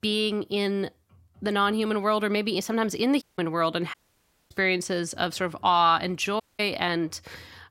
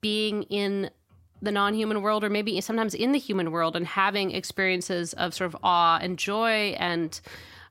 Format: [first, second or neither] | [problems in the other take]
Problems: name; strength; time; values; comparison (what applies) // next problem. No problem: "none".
second | audio cutting out; at 3 s, at 4 s for 0.5 s and at 6.5 s